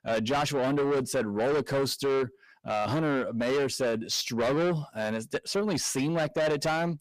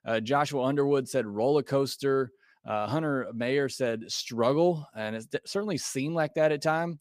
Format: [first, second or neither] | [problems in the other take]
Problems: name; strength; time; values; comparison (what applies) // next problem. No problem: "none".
second | distortion; heavy; 7 dB below the speech